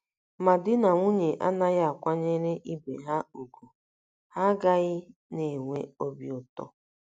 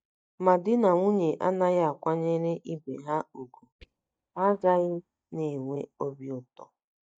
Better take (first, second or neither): first